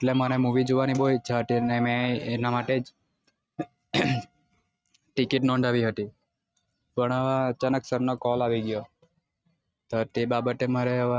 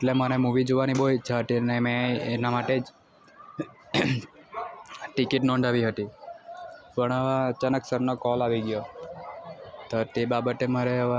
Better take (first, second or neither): second